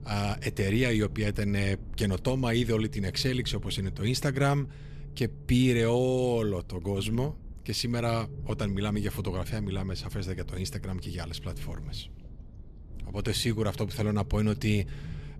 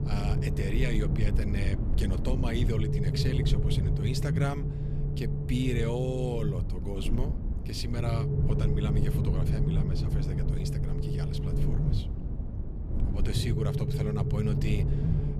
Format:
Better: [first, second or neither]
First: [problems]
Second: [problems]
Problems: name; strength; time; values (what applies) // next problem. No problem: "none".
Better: first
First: low rumble; faint; throughout; 20 dB below the speech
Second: low rumble; loud; throughout; 2 dB below the speech